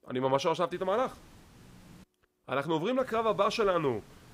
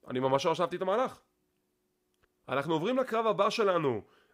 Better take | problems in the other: second | hiss; faint; from 0.5 to 2 s and from 3 s on; 25 dB below the speech

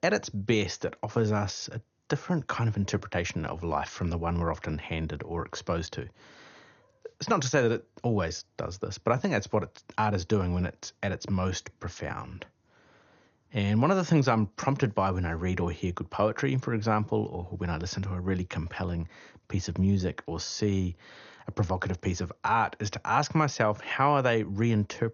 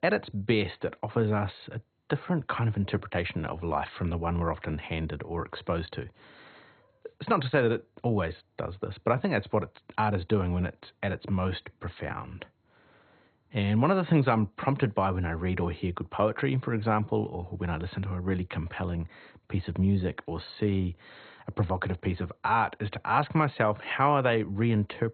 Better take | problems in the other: first | garbled, watery; badly; nothing above 4 kHz; slightly in the first

